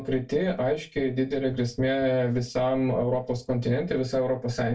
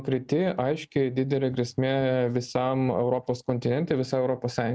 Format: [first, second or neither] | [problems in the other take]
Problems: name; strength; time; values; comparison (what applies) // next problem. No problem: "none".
second | room echo; dies away in 0.2 s